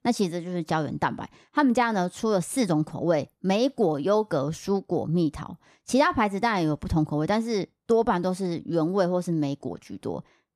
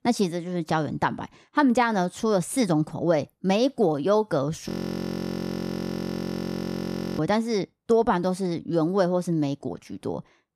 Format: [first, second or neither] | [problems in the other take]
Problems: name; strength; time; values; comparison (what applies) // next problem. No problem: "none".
first | audio freezing; at 4.5 s for 2.5 s